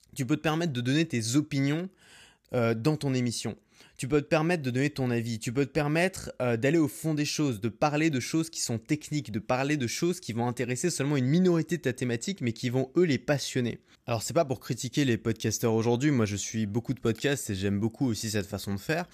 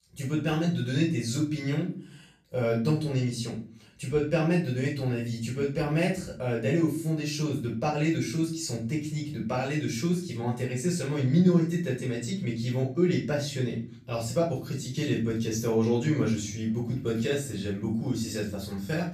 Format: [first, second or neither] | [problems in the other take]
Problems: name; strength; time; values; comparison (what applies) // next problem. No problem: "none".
first | off-mic speech; far // room echo; slight; dies away in 0.4 s